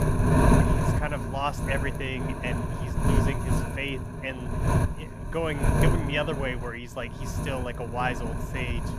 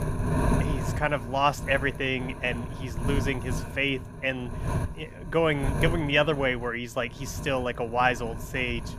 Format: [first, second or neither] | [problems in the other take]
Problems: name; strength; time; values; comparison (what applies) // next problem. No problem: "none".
second | wind noise on the microphone; heavy; as loud as the speech; occasional gusts in the second